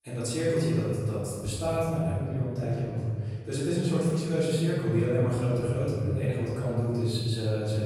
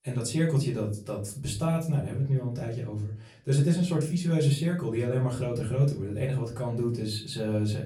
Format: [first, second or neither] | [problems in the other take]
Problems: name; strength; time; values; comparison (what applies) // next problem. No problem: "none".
second | room echo; strong; dies away in 1.8 s; slight in the second // off-mic speech; far; far in the second